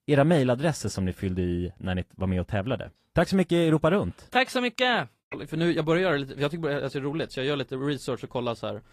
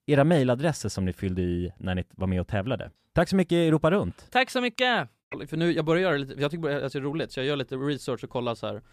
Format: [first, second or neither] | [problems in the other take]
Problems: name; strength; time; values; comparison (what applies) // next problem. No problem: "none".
second | garbled, watery; slightly; nothing above 14.5 kHz